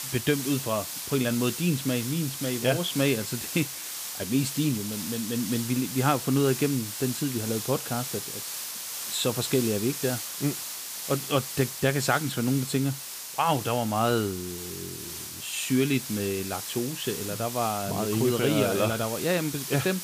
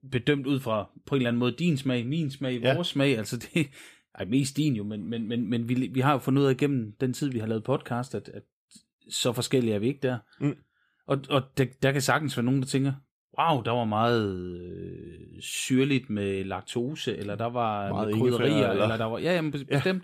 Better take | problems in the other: second | hiss; loud; throughout; 6 dB below the speech

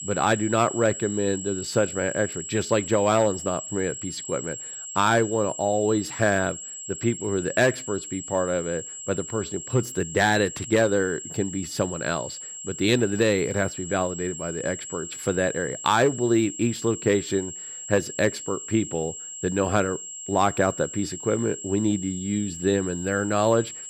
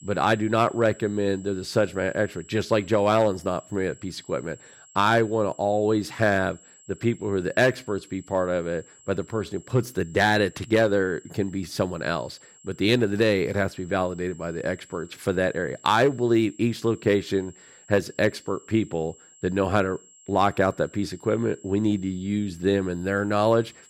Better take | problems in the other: second | high-pitched whine; loud; throughout; 7.5 kHz, 9 dB below the speech; faint in the second

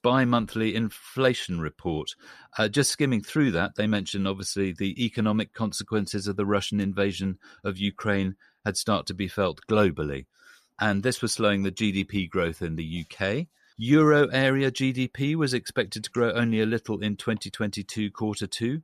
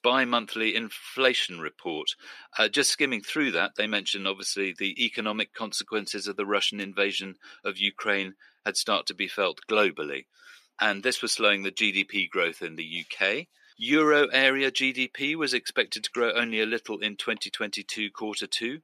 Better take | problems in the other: first | thin; somewhat; fading below 300 Hz

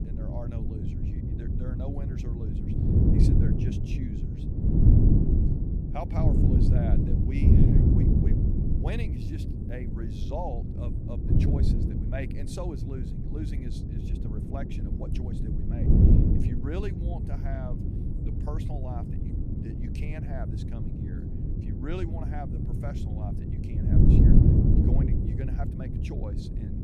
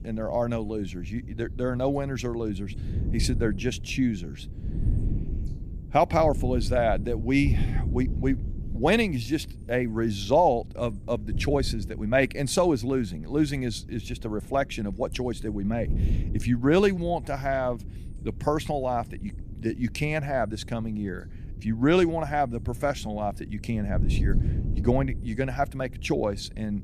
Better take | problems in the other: second | wind noise on the microphone; heavy; 5 dB above the speech; occasional gusts in the second

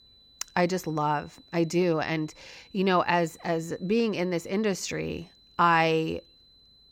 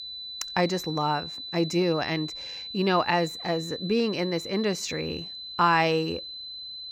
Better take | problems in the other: first | high-pitched whine; loud; throughout; 4 kHz, 9 dB below the speech; faint in the first

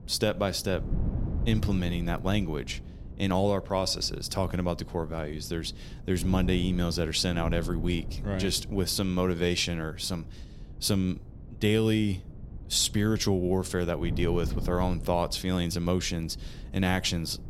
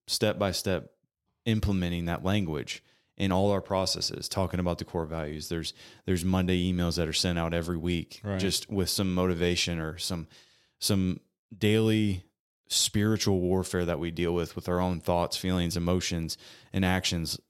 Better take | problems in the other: second | wind noise on the microphone; occasional gusts; 20 dB below the speech

